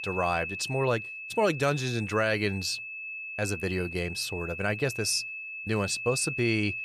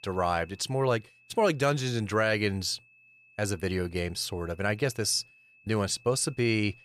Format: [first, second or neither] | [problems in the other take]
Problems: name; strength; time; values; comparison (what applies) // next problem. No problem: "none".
second | high-pitched whine; loud; throughout; 2.5 kHz, 6 dB below the speech; faint in the second